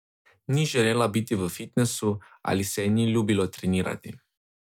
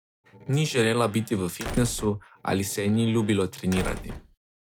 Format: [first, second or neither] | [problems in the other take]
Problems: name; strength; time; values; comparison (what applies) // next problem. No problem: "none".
first | background sound (Squeak / Slam / Wood); 12 dB below the speech